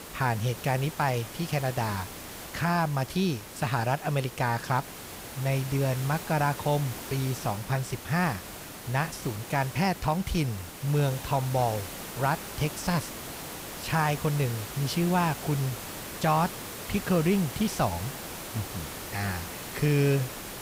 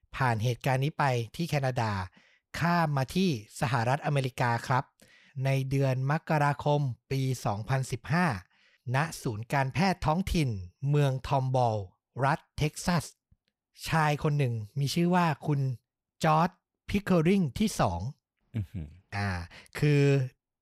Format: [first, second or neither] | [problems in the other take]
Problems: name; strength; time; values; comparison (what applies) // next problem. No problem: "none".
second | hiss; loud; throughout; 10 dB below the speech